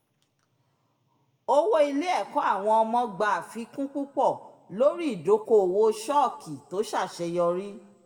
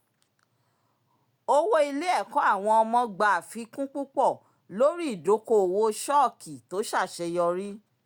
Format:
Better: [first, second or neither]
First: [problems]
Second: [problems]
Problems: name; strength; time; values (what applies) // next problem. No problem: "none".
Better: second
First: room echo; dies away in 0.9 s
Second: none